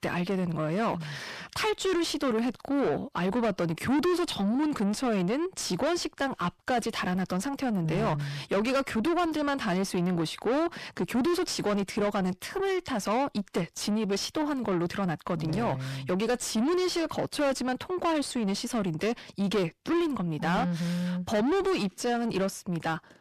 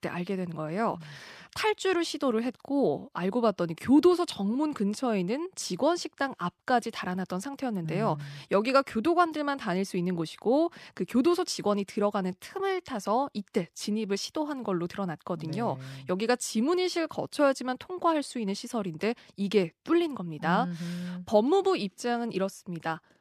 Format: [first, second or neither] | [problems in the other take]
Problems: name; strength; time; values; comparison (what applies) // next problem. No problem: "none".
second | distortion; heavy; 5 dB below the speech